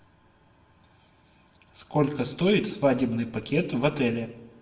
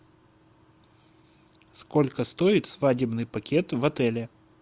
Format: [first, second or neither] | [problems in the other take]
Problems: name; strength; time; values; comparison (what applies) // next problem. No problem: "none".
second | room echo; dies away in 0.7 s